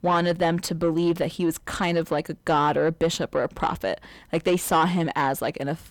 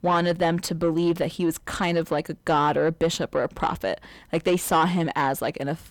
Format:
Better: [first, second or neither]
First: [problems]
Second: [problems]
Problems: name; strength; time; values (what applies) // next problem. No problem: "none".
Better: neither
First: distortion; slight; 10 dB below the speech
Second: distortion; slight; 10 dB below the speech